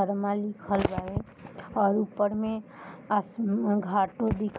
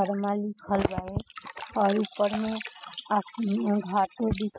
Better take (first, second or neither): first